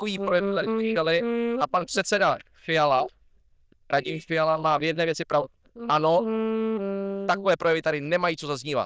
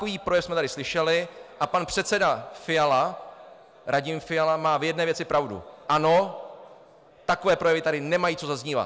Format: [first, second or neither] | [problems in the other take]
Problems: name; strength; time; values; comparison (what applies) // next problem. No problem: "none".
second | noise reduction (neural diffusion model UNIVERSE++)